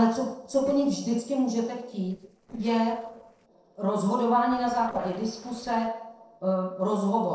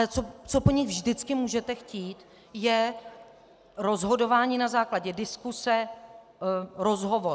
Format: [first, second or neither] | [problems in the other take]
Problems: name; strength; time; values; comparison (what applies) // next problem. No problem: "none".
second | noise reduction (neural separator model SepFormer DNS4)